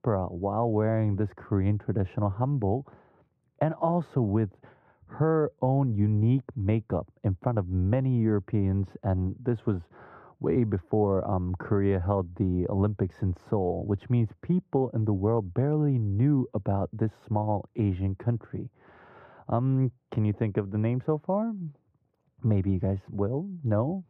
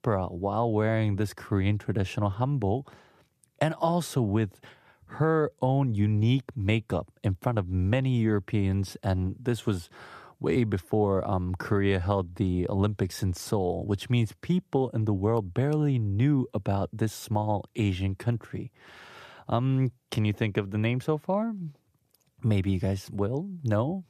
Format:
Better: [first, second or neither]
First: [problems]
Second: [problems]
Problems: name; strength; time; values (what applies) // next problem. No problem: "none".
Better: second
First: muffled; very; fading above 3 kHz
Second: none